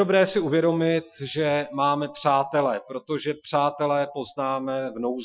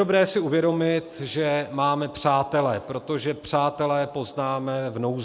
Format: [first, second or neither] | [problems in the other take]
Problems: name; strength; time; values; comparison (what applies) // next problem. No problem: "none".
second | noise reduction (classical method Wiener filter)